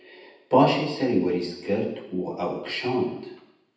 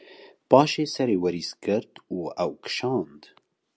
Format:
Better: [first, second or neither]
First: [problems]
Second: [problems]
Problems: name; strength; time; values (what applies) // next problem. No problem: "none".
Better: second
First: room echo; dies away in 0.9 s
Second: none